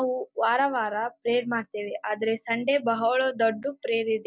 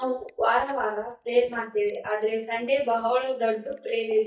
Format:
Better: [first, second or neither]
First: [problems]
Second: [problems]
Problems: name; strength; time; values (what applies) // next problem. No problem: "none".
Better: first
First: none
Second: noise reduction (neural mask model DeepFilterNet 3)